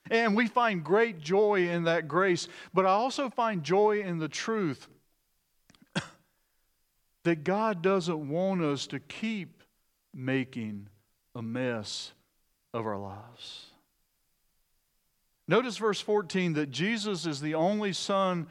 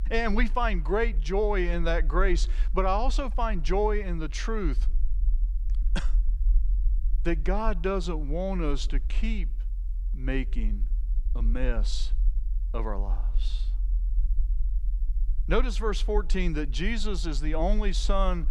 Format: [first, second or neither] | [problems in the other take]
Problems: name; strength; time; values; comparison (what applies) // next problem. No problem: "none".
first | low rumble; faint; throughout; 25 dB below the speech